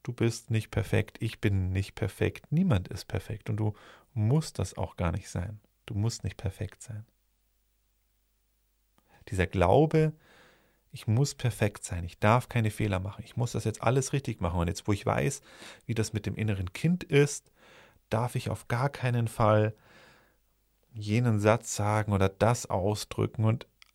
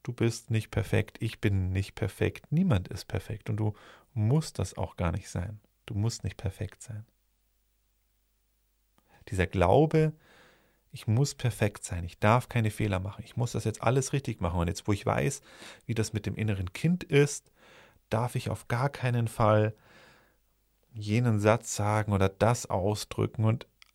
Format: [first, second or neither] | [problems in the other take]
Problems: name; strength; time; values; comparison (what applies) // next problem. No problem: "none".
neither | none